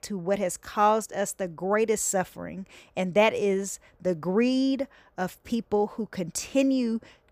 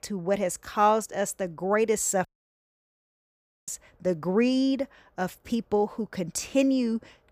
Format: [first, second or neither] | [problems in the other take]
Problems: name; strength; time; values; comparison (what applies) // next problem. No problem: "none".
first | audio cutting out; at 2.5 s for 1.5 s